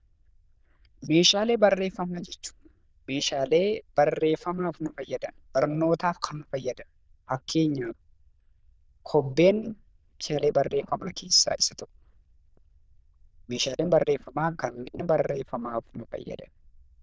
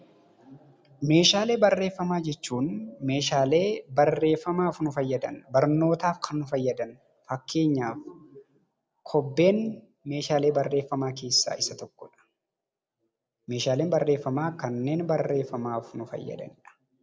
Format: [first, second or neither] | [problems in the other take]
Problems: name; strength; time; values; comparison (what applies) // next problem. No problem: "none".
second | noise reduction (neural diffusion model UNIVERSE++)